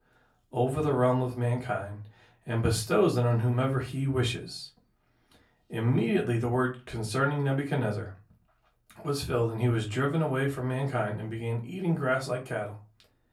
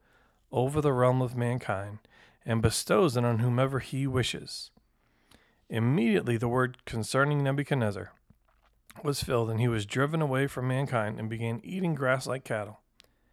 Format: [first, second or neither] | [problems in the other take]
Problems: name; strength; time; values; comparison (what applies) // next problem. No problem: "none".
second | off-mic speech; far // room echo; very slight; dies away in 0.3 s